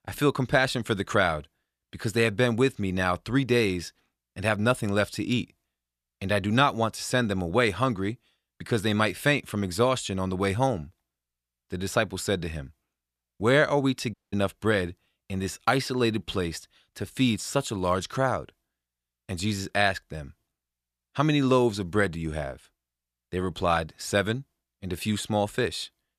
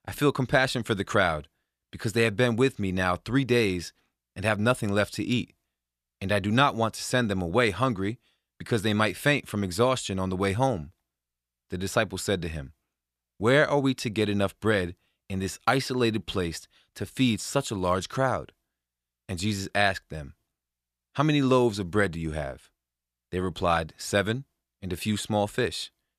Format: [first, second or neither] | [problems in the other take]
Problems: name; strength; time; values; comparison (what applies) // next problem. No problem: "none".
second | audio cutting out; at 14 s